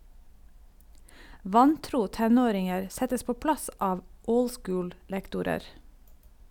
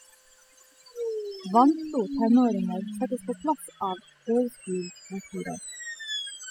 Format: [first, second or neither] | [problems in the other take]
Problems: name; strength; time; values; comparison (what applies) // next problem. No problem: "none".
first | noise reduction (classical method spectral subtraction)